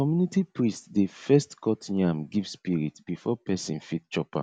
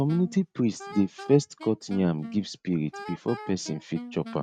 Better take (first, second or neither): first